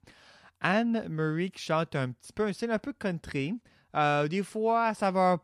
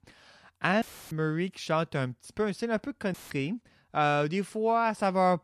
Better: first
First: none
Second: audio cutting out; filled with static; at 1 s and at 3 s

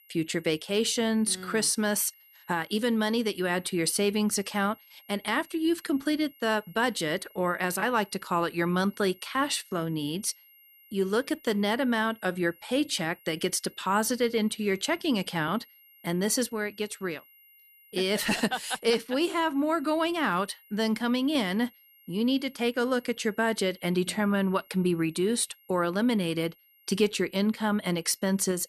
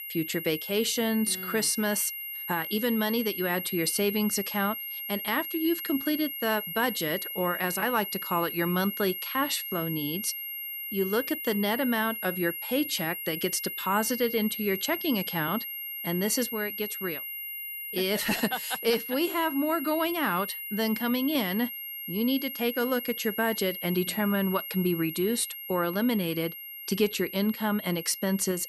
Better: first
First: high-pitched whine; faint; throughout; 11.5 kHz, 25 dB below the speech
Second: high-pitched whine; loud; throughout; 11.5 kHz, 6 dB below the speech

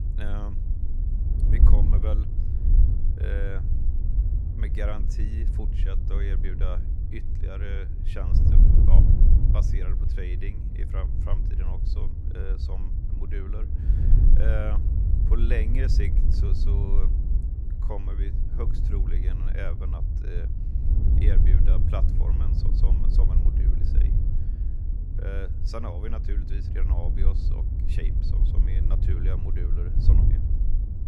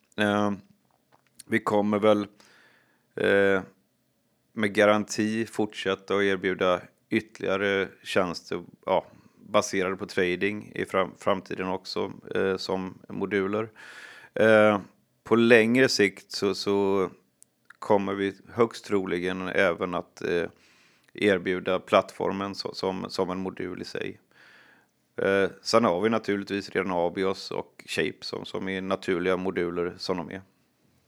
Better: second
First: wind noise on the microphone; heavy; 2 dB below the speech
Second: none

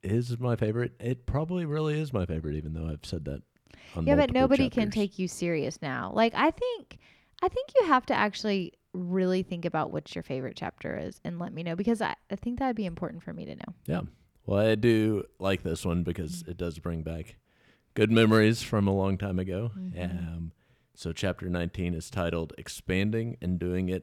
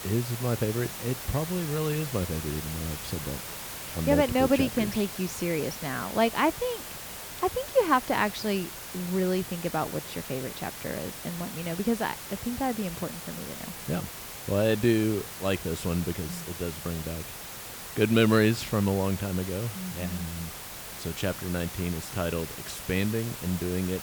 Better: first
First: none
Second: hiss; loud; throughout; 8 dB below the speech

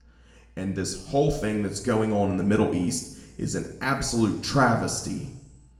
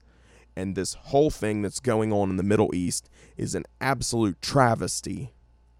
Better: second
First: room echo; slight; dies away in 0.8 s // off-mic speech; somewhat distant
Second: none

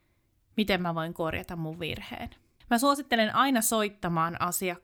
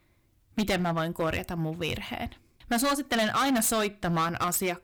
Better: first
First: none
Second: distortion; heavy; 13% of the sound clipped

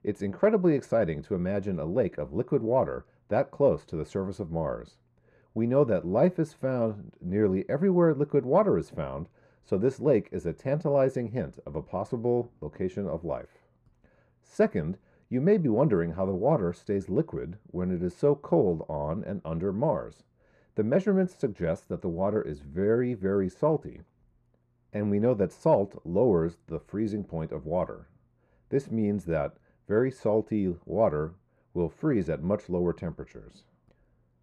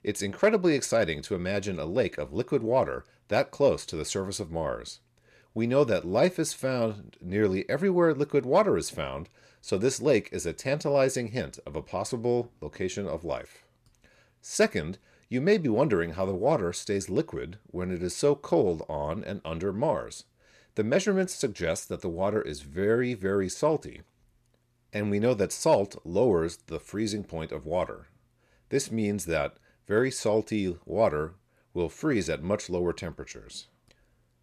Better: second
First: muffled; very; fading above 2 kHz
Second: none

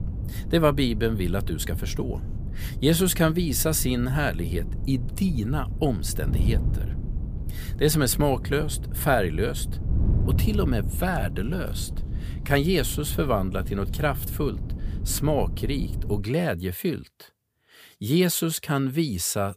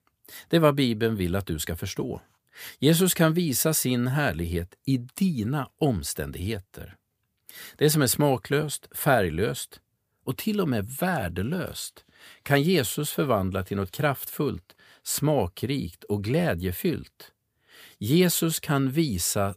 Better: second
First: wind noise on the microphone; occasional gusts; until 16 s; 15 dB below the speech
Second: none

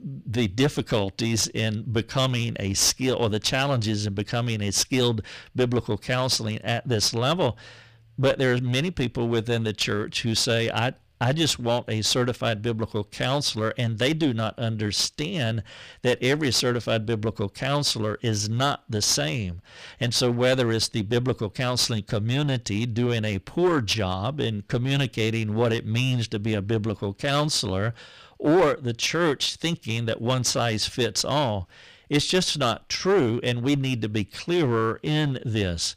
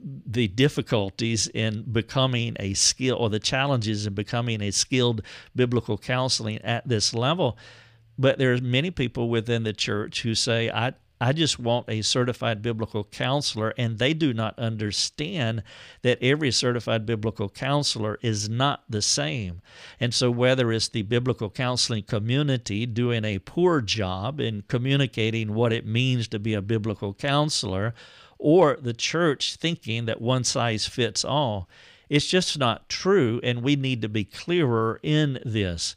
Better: second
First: distortion; slight; 7% of the sound clipped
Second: none

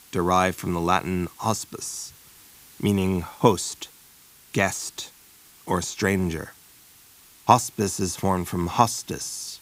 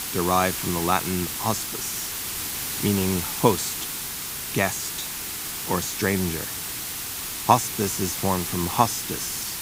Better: first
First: hiss; faint; throughout; 25 dB below the speech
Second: hiss; loud; throughout; 3 dB below the speech

